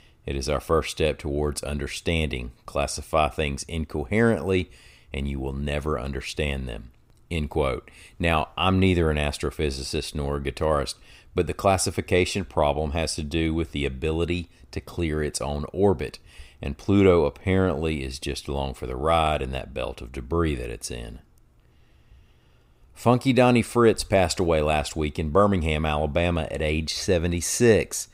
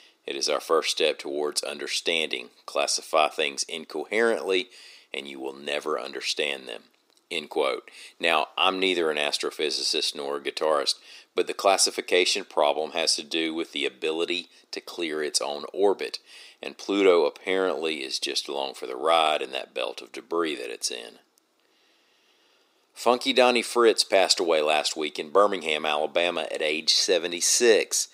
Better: first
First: none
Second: thin; somewhat; fading below 300 Hz

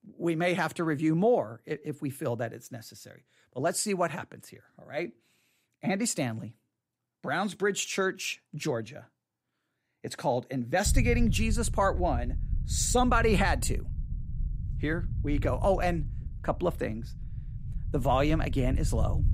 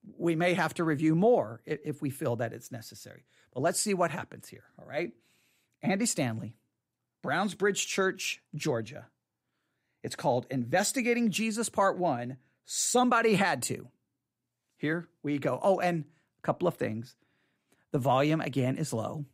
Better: second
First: low rumble; noticeable; from 11 s on; 20 dB below the speech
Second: none

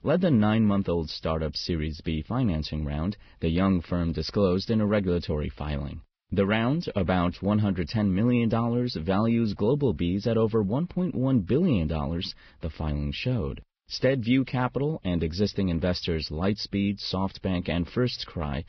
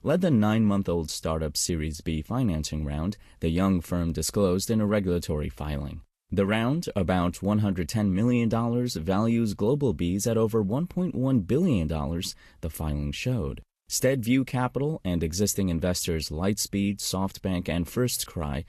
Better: second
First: garbled, watery; badly; nothing above 5.5 kHz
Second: garbled, watery; slightly; nothing above 12.5 kHz

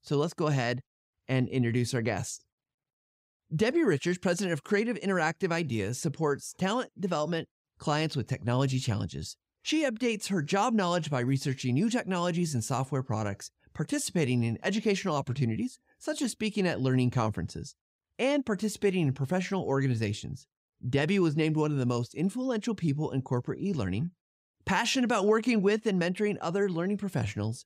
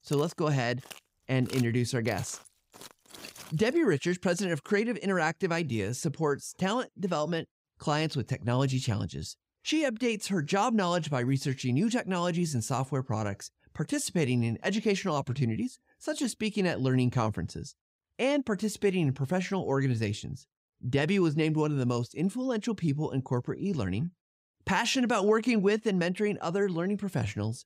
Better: first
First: none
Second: footsteps; faint; until 4 s; peak 10 dB below the speech

